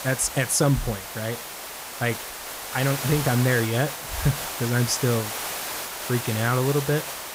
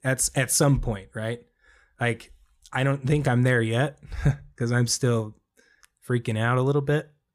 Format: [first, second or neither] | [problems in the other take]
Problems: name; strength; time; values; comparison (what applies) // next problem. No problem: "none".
second | hiss; loud; throughout; 6 dB below the speech